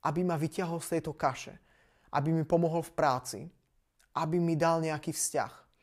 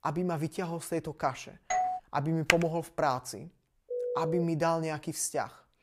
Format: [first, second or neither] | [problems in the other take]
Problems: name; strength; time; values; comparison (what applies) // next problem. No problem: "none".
first | doorbell; loud; at 1.5 s; peak 1 dB above the speech // keyboard typing; very faint; at 2.5 s; peak 4 dB above the speech // phone ringing; noticeable; at 4 s; peak 1 dB below the speech